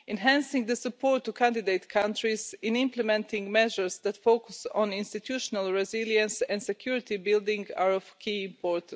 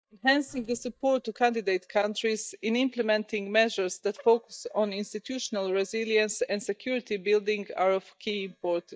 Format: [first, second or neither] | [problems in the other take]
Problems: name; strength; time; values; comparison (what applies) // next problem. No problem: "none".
first | noise reduction (neural mask model DeepFilterNet 3)